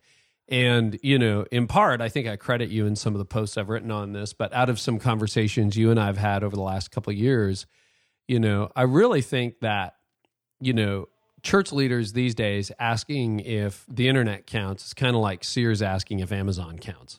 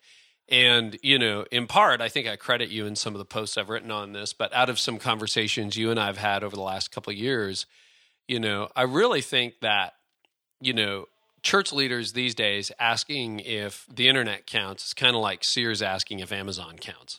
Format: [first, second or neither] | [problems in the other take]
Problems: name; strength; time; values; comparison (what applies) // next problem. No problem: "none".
first | thin; somewhat; fading below 750 Hz